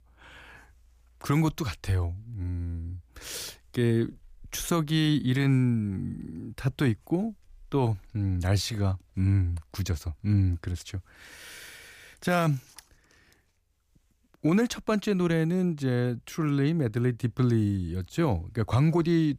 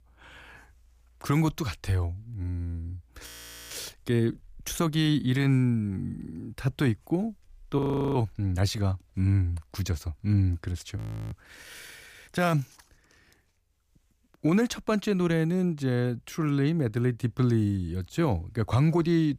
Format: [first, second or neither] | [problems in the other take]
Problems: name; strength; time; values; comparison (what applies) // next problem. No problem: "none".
first | audio freezing; at 3.5 s, at 8 s and at 11 s